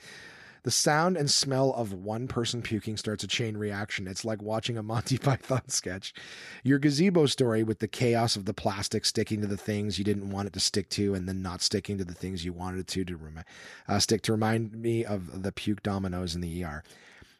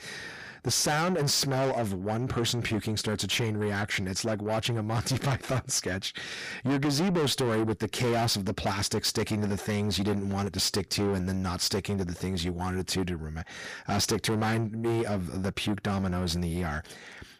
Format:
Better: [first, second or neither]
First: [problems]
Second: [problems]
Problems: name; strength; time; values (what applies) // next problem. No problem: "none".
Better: first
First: none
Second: distortion; heavy; 6 dB below the speech